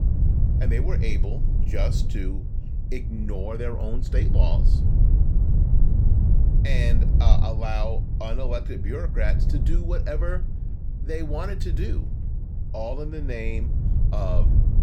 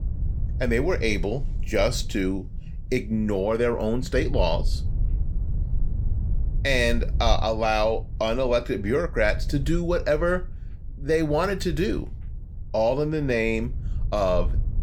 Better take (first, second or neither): second